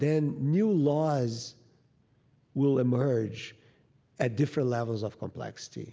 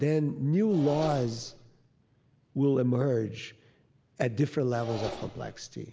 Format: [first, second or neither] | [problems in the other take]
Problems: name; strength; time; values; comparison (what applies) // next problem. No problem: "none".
first | background sound (Engine); 16 dB below the speech